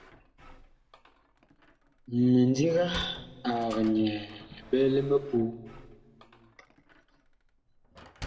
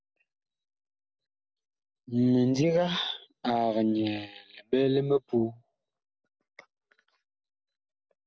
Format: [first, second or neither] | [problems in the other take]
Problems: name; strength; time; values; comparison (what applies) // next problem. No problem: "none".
second | background sound (Sliding door); 18 dB below the speech // room echo; dies away in 1.1 s